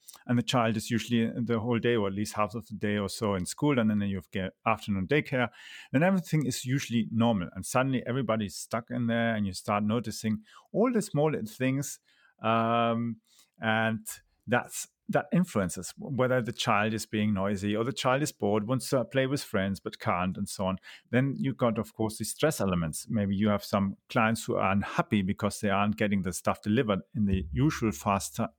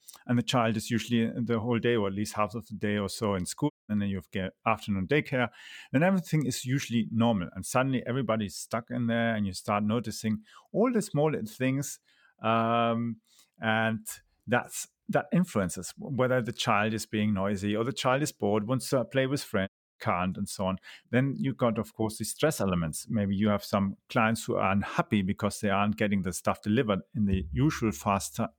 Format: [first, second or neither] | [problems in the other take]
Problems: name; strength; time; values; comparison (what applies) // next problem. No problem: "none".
first | audio cutting out; at 3.5 s and at 20 s